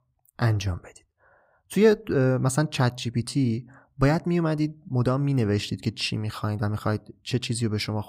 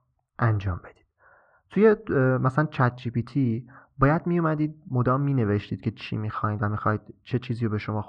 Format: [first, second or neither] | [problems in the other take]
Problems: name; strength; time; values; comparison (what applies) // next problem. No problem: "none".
first | muffled; very; fading above 1.5 kHz